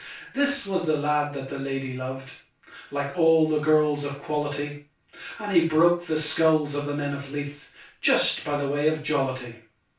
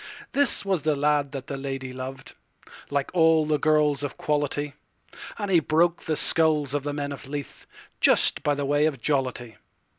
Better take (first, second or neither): second